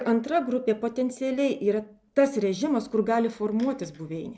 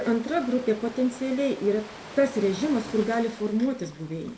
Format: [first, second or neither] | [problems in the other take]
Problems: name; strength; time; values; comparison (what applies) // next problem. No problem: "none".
first | background sound (Ocean); 17 dB below the speech // room echo; dies away in 0.6 s